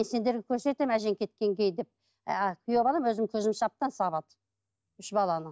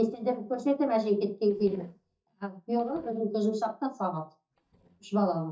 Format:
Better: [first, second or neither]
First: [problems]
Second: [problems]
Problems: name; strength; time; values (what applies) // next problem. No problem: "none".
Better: first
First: none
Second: noise reduction (neural mask model DeepFilterNet 3)